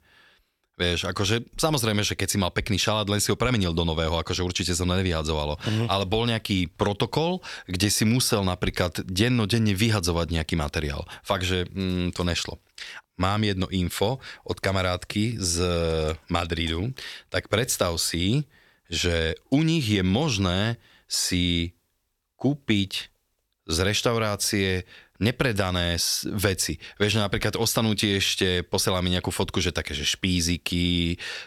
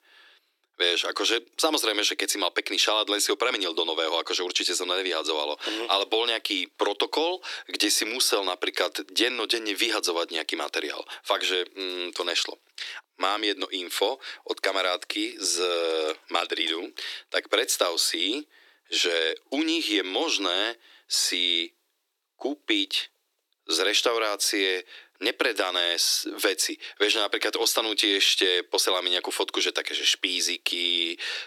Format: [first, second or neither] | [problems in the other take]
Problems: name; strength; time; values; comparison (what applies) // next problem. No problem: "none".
first | thin; very; fading below 300 Hz